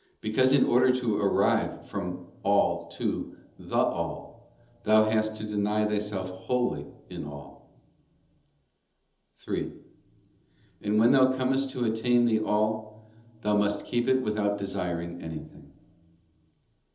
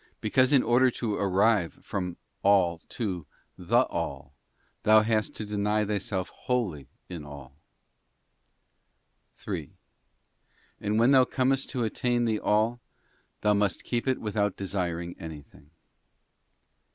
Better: second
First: room echo; dies away in 1.2 s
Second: none

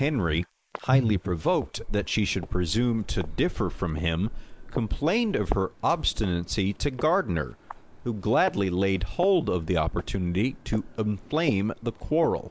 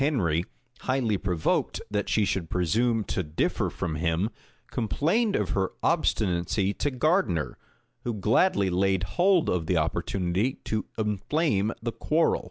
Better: second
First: noise reduction (neural mask model Resemble Enhance denoiser)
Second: none

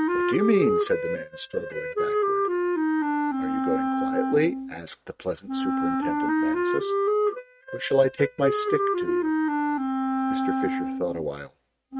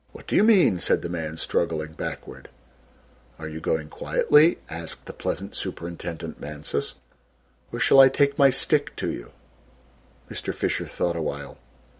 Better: second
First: noise reduction (neural mask model RNNoise)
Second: none

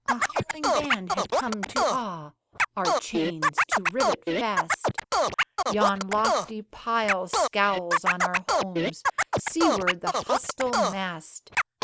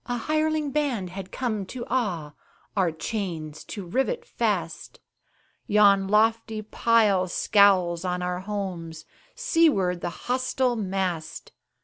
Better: second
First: noise reduction (neural mask model Resemble Enhance denoiser)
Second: none

